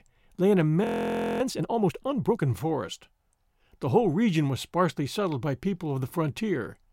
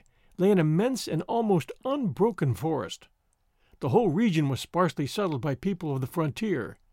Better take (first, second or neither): second